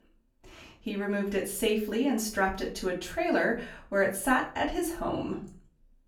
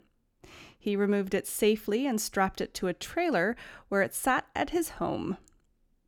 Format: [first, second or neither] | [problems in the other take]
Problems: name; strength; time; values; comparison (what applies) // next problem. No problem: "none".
second | off-mic speech; far // room echo; slight; dies away in 0.3 s